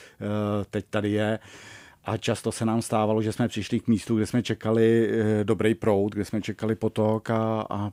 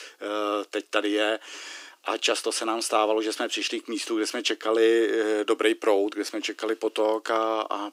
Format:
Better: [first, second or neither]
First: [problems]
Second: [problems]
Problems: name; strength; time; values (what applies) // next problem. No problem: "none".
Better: first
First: none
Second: thin; very; fading below 300 Hz